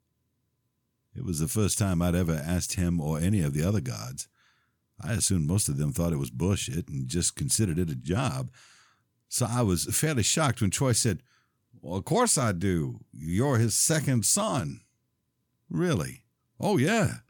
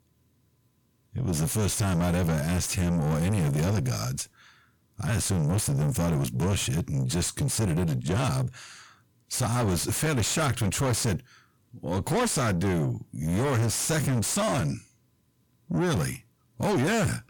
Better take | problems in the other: first | distortion; heavy; 6 dB below the speech

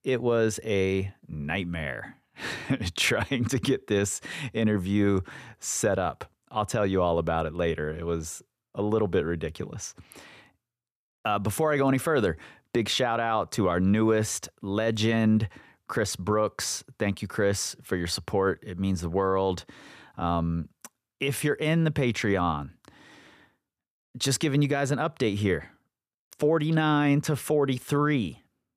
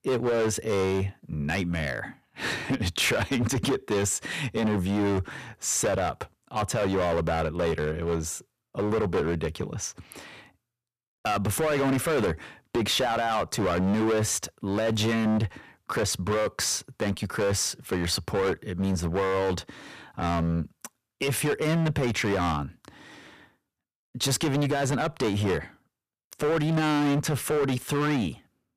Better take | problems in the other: first | distortion; heavy; 16% of the sound clipped

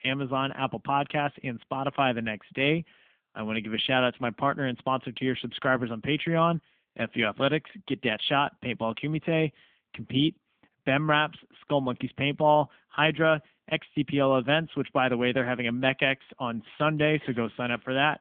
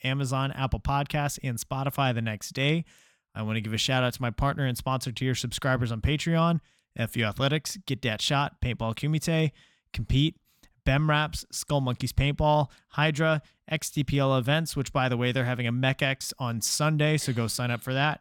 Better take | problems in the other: second | phone-call audio; nothing above 3.5 kHz

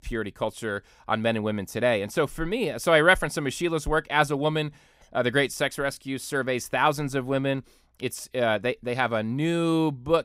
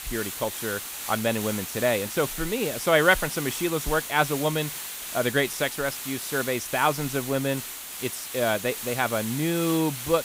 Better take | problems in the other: first | hiss; loud; throughout; 6 dB below the speech

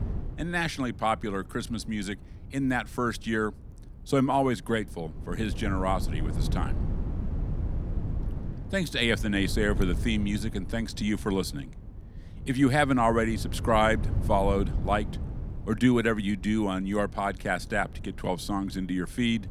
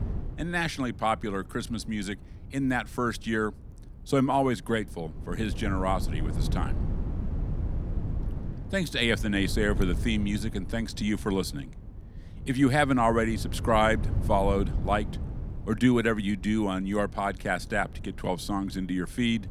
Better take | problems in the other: neither | wind noise on the microphone; occasional gusts; 20 dB below the speech; the same in both

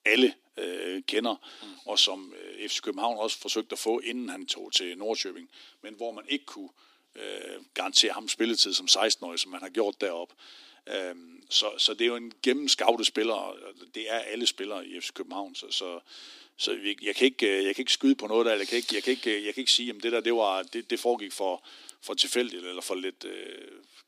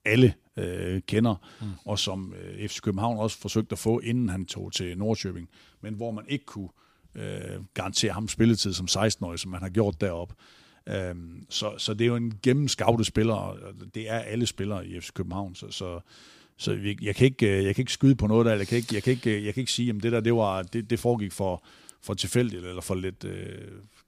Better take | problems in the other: second | thin; somewhat; fading below 250 Hz

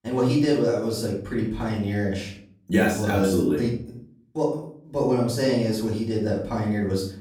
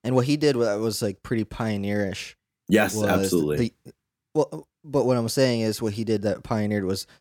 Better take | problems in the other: second | off-mic speech; far // room echo; noticeable; dies away in 0.5 s

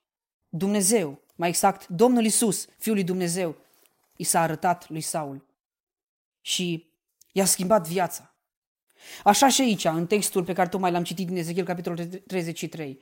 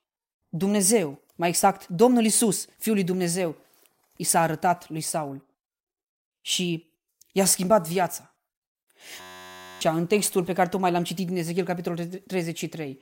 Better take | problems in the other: first | audio freezing; at 9 s for 0.5 s

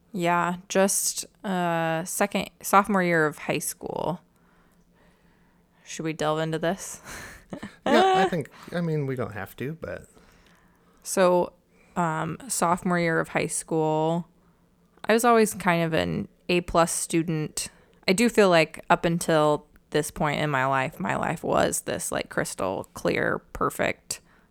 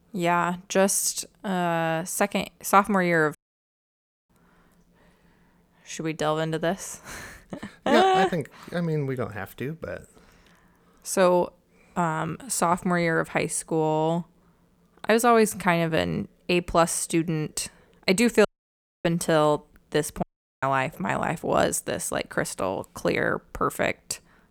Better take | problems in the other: first | audio cutting out; at 3.5 s for 1 s, at 18 s for 0.5 s and at 20 s

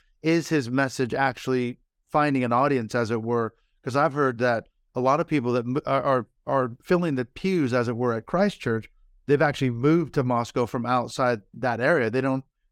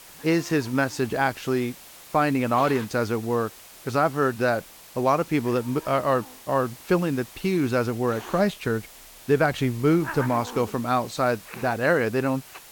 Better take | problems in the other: first | hiss; noticeable; throughout; 15 dB below the speech

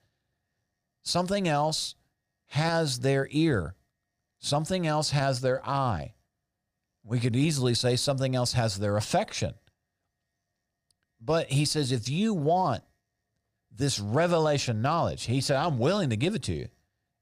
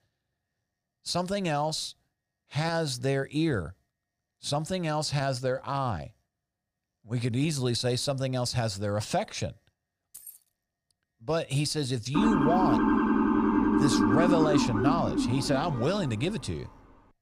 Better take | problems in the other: first | jangling keys; faint; at 10 s; peak 15 dB below the speech // siren; loud; from 12 to 16 s; peak 6 dB above the speech

